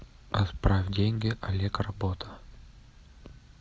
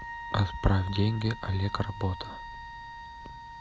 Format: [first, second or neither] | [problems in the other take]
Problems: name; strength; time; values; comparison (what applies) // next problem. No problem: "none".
first | background sound (Wind instrument, woodwind instrument); 12 dB below the speech